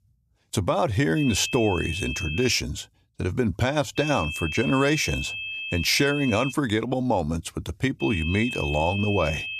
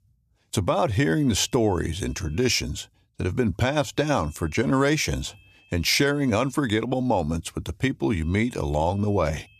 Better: second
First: high-pitched whine; loud; from 1 to 2.5 s, from 4 to 6.5 s and from 8 s on; 2.5 kHz, 6 dB below the speech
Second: high-pitched whine; faint; from 1 to 2.5 s, from 4 to 6.5 s and from 8 s on; 2.5 kHz, 30 dB below the speech

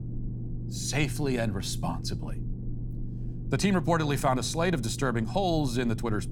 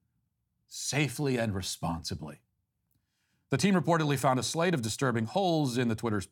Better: second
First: low rumble; noticeable; throughout; 15 dB below the speech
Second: none

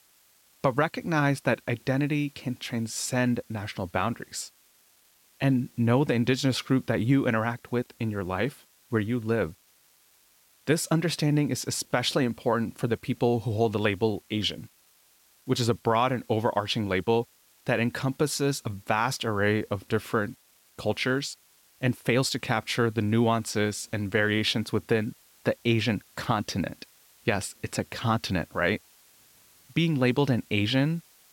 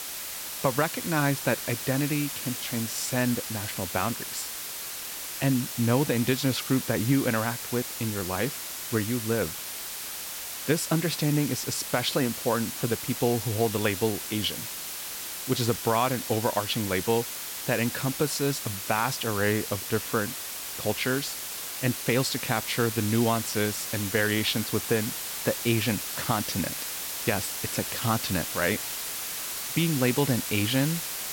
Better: first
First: hiss; faint; throughout; 30 dB below the speech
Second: hiss; loud; throughout; 4 dB below the speech

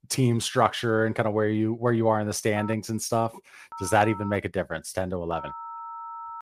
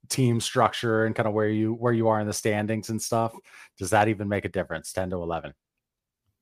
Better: second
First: phone ringing; faint; from 2.5 s on; peak 10 dB below the speech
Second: none

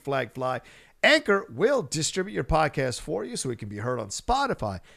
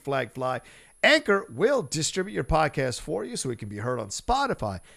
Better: first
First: none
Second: high-pitched whine; faint; throughout; 10.5 kHz, 30 dB below the speech

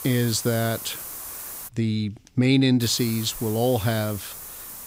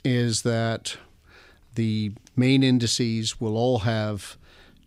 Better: second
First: hiss; noticeable; until 1.5 s and from 3 s on; 10 dB below the speech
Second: none

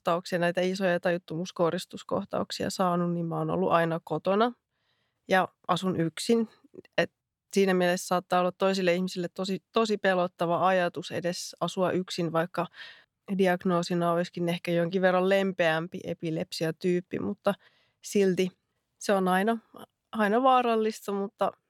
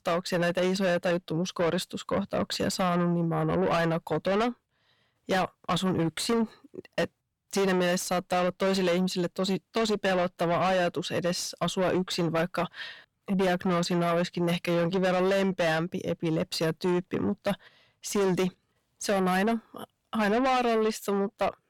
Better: first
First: none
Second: distortion; heavy; 7 dB below the speech

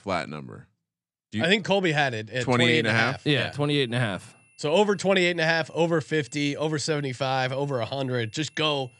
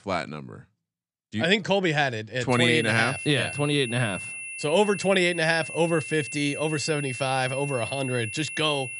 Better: first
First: high-pitched whine; faint; from 2.5 s on; 2.5 kHz, 35 dB below the speech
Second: high-pitched whine; loud; from 2.5 s on; 2.5 kHz, 9 dB below the speech

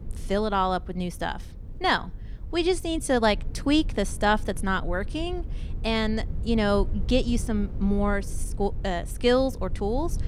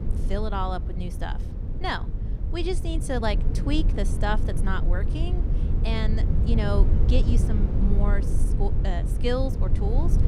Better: first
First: low rumble; faint; throughout; 25 dB below the speech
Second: low rumble; loud; throughout; 8 dB below the speech

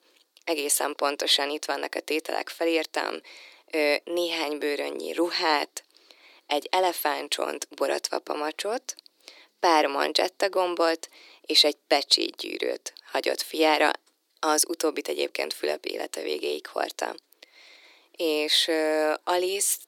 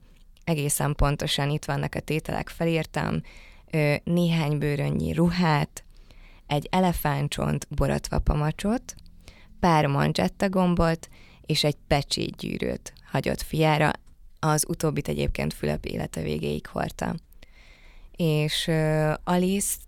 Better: second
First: thin; very; fading below 300 Hz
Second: none

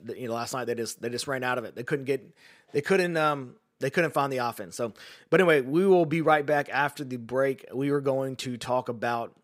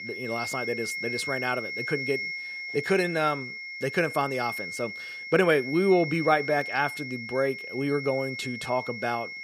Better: first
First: none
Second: high-pitched whine; loud; throughout; 2 kHz, 6 dB below the speech

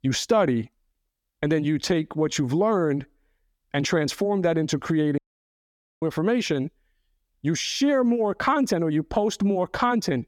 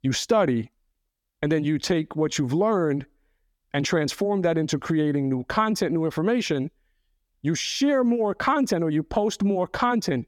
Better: second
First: audio cutting out; at 5 s for 1 s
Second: none

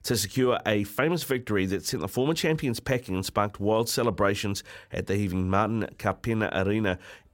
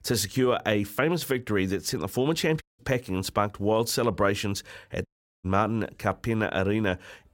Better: first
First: none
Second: audio cutting out; at 2.5 s and at 5 s

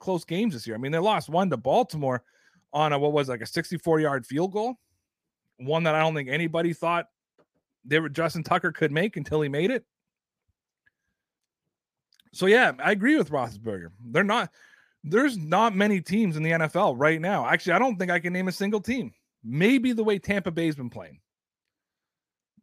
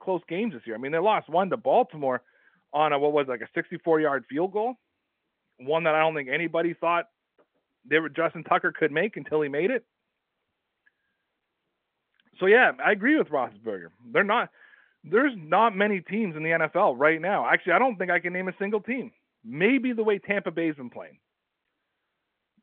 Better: first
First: none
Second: phone-call audio; nothing above 3.5 kHz

